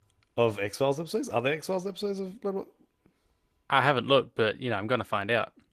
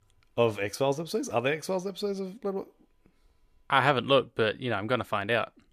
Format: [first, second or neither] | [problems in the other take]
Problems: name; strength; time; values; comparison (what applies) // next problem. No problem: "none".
second | garbled, watery; slightly; nothing above 14 kHz